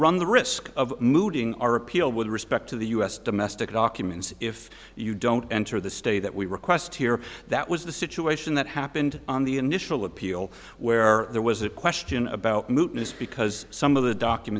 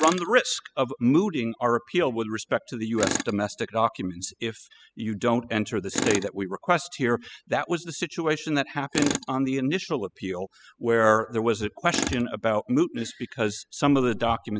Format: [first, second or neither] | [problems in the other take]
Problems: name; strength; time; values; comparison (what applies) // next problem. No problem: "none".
first | noise reduction (classical method spectral subtraction)